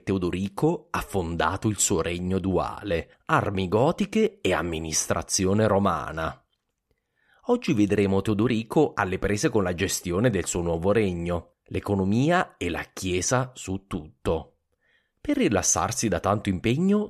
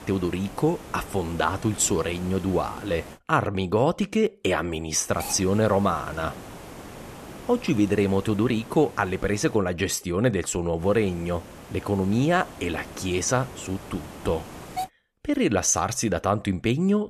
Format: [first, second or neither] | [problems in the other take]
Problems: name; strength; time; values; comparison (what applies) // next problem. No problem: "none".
first | hiss; noticeable; until 3 s, from 5 to 9.5 s and from 11 to 15 s; 15 dB below the speech